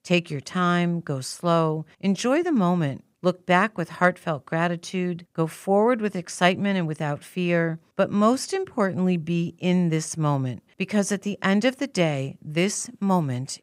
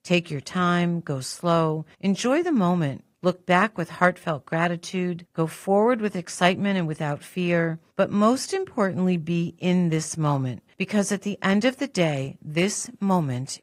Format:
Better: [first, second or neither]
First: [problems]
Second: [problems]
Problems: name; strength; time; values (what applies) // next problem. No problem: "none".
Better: first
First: none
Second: garbled, watery; slightly; nothing above 15.5 kHz